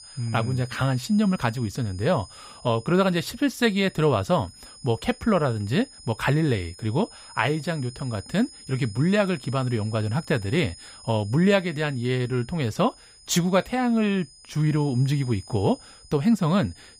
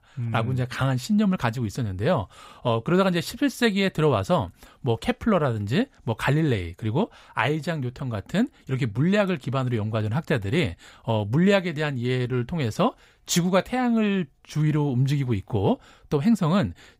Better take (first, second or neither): second